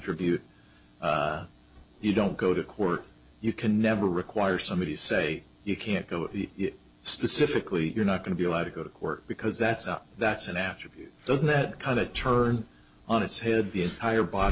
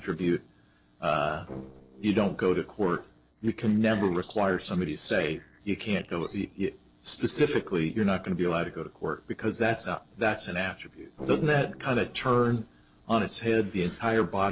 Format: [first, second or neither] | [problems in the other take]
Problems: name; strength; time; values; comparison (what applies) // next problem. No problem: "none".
first | noise reduction (neural separator model SepFormer DNS4)